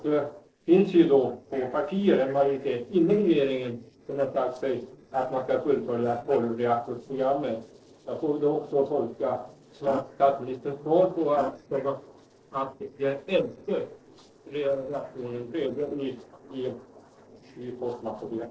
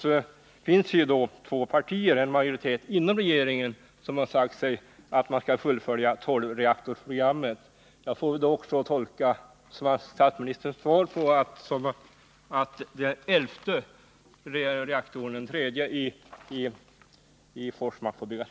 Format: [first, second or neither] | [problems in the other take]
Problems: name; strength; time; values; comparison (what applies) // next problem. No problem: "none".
second | noise reduction (neural separator model SepFormer DNS4)